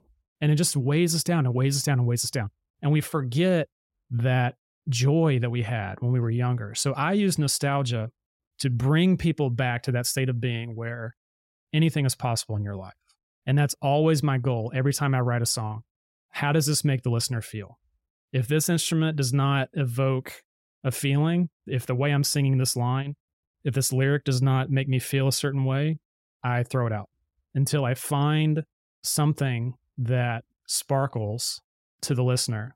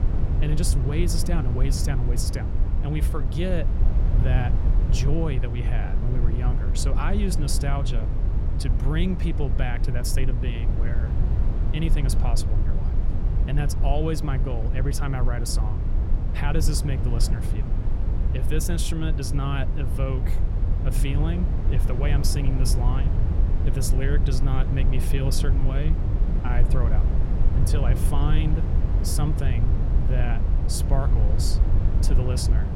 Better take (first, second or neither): first